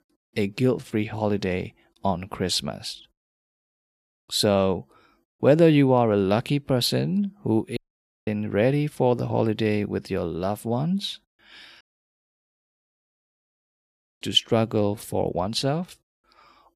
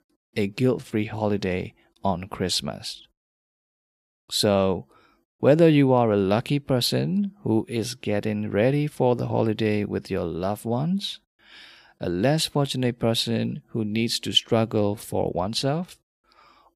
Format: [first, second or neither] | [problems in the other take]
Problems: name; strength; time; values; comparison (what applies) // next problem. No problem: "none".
second | audio cutting out; at 8 s for 0.5 s and at 12 s for 2.5 s